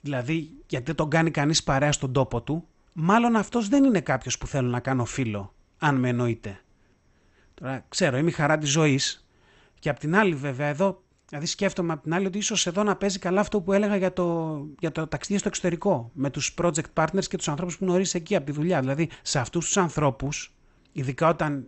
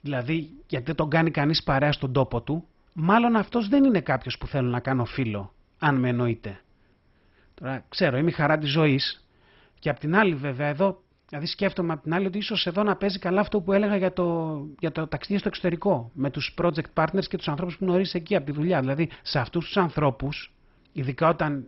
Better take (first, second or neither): first